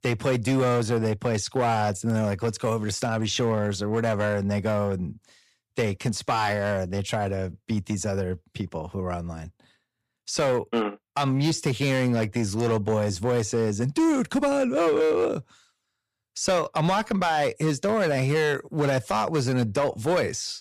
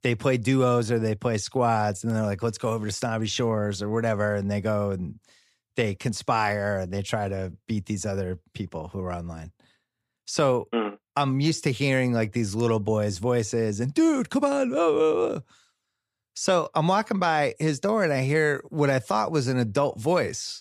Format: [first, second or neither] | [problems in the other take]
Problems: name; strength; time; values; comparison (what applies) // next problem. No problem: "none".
second | distortion; slight; 8% of the sound clipped